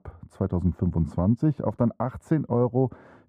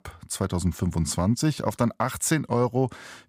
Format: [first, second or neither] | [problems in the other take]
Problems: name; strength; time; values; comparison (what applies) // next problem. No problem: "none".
second | muffled; very; fading above 2 kHz